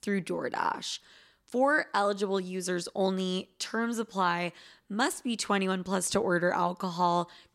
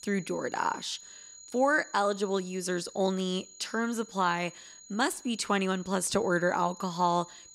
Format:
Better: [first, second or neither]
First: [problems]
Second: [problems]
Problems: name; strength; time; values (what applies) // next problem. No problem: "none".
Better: first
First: none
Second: high-pitched whine; noticeable; throughout; 7 kHz, 20 dB below the speech